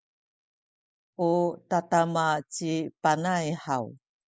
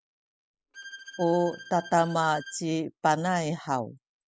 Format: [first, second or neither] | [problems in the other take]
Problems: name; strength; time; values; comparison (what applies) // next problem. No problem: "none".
first | background sound (Bowed string instrument); 17 dB below the speech